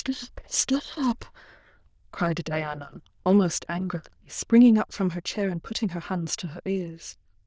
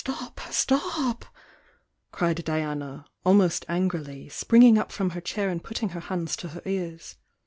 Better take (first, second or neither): second